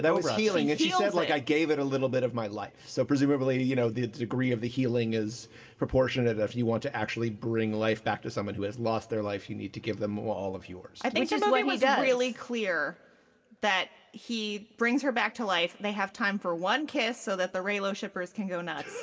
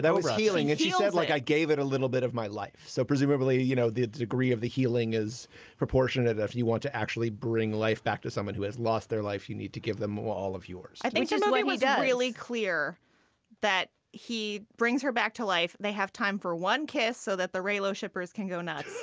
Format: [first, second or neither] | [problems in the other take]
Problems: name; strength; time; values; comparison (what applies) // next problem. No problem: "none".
second | room echo; dies away in 0.2 s